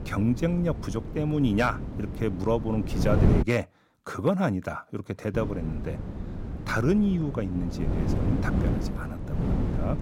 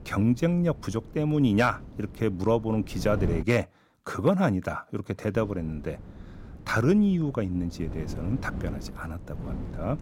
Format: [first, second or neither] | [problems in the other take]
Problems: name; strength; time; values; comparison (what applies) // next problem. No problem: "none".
second | wind noise on the microphone; heavy; until 3.5 s and from 5.5 s on; 7 dB below the speech; occasional gusts in the second